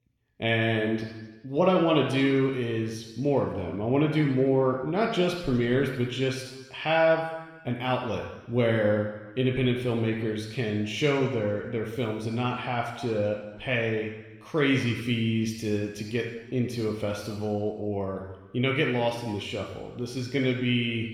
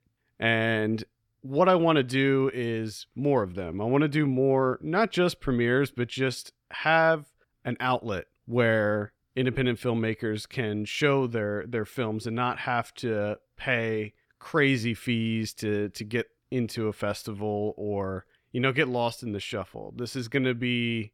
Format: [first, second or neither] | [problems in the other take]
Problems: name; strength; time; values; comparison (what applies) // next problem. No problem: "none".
second | room echo; noticeable; dies away in 1.1 s // off-mic speech; somewhat distant